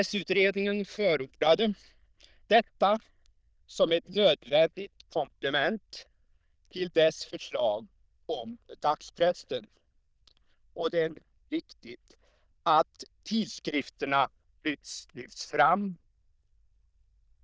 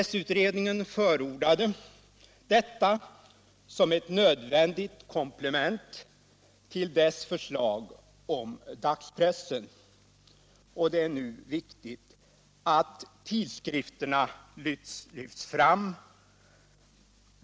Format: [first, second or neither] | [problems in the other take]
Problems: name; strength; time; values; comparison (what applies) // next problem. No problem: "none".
second | noise reduction (neural diffusion model UNIVERSE++)